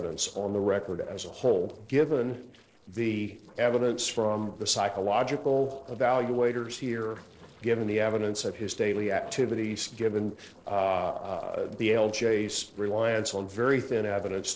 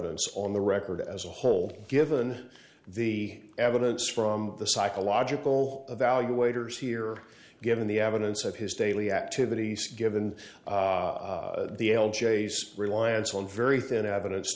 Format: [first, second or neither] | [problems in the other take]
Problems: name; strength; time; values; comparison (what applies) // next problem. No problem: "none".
second | noise reduction (neural separator model SepFormer DNS4)